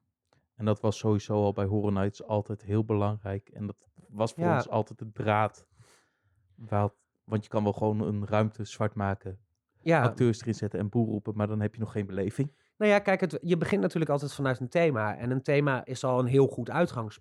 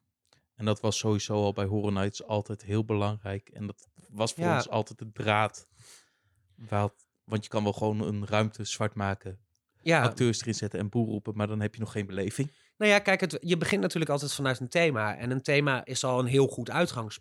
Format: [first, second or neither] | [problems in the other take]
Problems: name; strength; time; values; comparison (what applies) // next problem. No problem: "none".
second | muffled; slightly; fading above 2 kHz